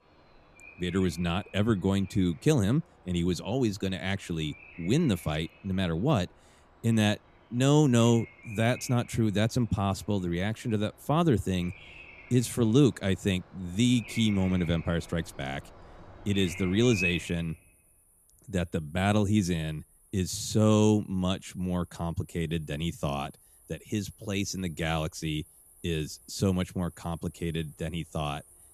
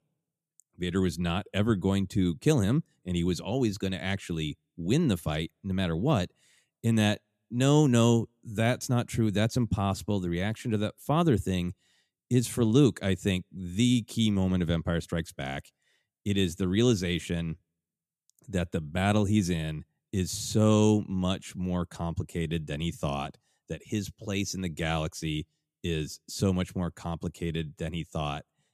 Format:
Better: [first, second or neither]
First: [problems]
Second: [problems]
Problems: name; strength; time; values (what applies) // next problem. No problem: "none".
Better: second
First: animal sounds; noticeable; throughout; 15 dB below the speech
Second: none